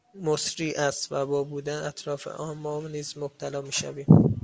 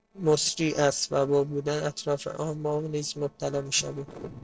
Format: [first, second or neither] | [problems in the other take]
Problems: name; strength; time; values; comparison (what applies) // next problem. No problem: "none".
first | noise reduction (neural separator model SepFormer DNS4)